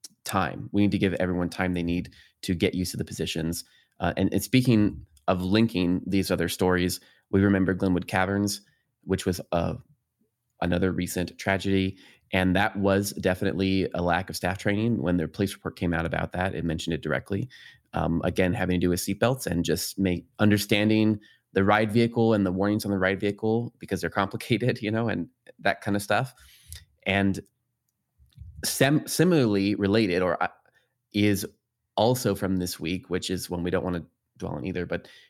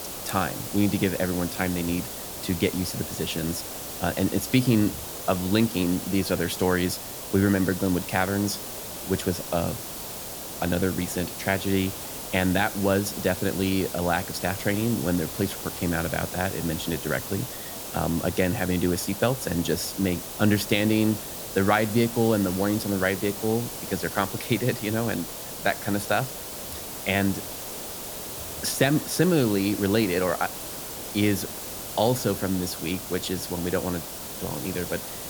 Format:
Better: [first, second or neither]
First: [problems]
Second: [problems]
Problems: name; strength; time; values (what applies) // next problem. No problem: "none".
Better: first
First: none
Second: hiss; loud; throughout; 7 dB below the speech